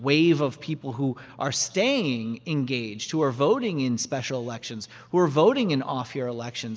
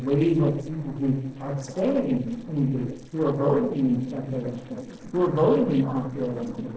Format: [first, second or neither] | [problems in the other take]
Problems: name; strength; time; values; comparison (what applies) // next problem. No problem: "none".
first | noise reduction (neural separator model SepFormer DNS4)